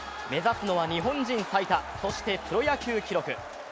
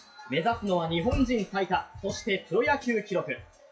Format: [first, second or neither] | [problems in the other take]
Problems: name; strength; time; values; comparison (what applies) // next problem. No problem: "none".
first | noise reduction (classical method WPE with log-MMSE)